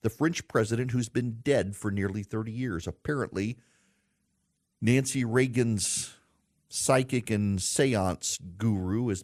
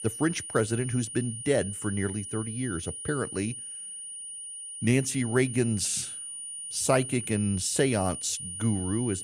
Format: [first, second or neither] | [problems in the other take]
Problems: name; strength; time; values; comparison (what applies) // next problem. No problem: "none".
first | high-pitched whine; loud; throughout; 9.5 kHz, 7 dB below the speech